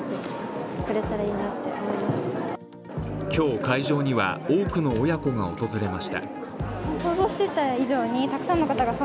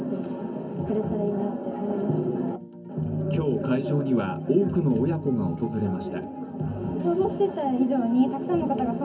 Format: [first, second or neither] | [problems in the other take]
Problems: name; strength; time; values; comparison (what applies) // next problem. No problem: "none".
first | room echo; dies away in 0.3 s